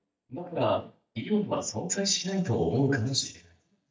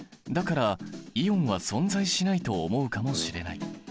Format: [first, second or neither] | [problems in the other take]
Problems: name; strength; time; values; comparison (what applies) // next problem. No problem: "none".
second | noise reduction (neural mask model DeepFilterNet 3)